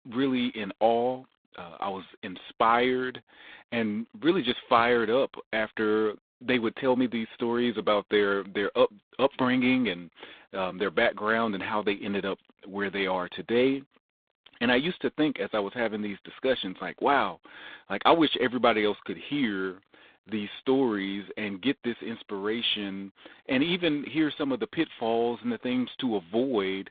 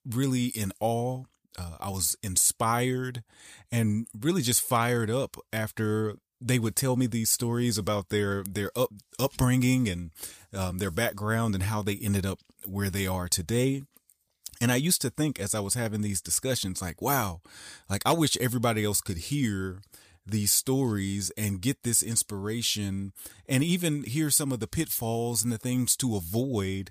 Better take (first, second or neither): second